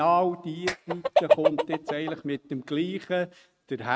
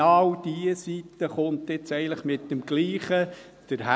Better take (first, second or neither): second